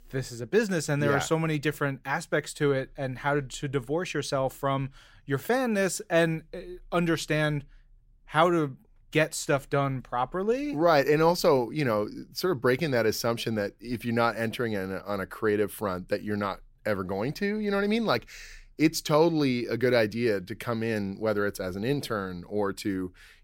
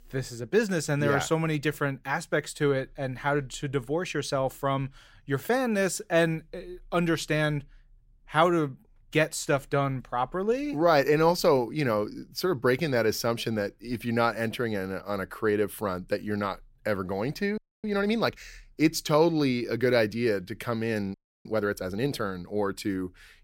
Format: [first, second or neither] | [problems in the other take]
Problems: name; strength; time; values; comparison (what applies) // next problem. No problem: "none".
first | audio freezing; at 18 s and at 21 s